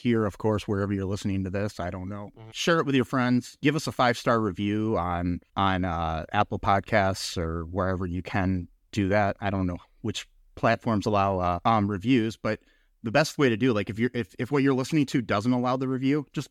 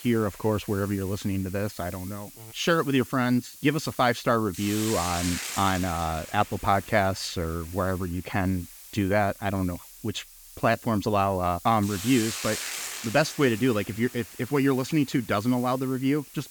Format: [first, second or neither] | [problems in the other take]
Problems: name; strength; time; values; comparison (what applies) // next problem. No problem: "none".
first | hiss; noticeable; throughout; 10 dB below the speech